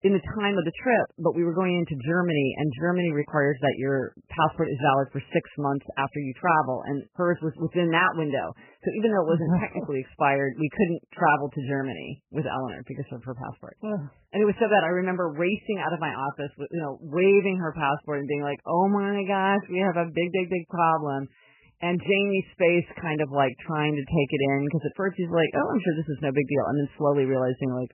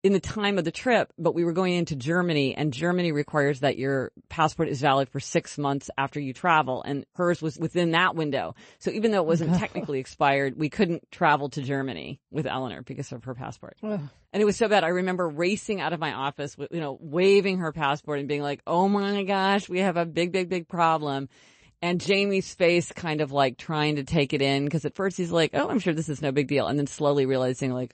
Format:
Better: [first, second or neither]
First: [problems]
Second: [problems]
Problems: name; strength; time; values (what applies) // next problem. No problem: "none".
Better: second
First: garbled, watery; badly; nothing above 3 kHz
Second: garbled, watery; slightly; nothing above 8 kHz